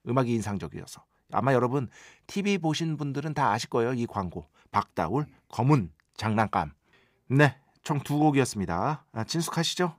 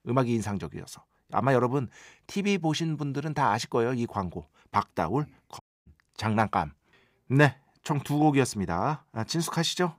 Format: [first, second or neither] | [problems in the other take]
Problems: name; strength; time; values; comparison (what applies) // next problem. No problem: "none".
first | audio cutting out; at 5.5 s